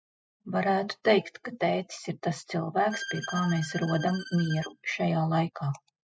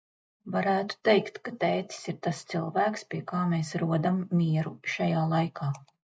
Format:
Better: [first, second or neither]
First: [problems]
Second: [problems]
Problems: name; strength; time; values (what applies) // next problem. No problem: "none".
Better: second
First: noise reduction (classical method spectral subtraction)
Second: none